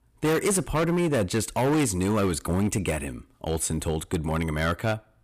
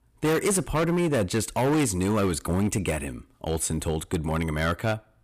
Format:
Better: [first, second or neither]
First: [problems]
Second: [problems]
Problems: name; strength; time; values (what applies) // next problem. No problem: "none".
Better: neither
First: distortion; heavy; 13% of the sound clipped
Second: distortion; heavy; 13% of the sound clipped